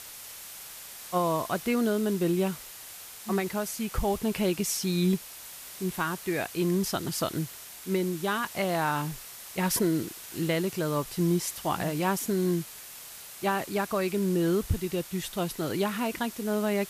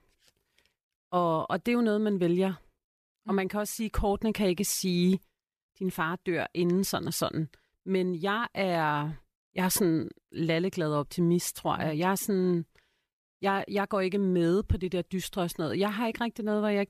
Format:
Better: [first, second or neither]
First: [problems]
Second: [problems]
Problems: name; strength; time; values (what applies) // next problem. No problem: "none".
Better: second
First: hiss; noticeable; throughout; 10 dB below the speech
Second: none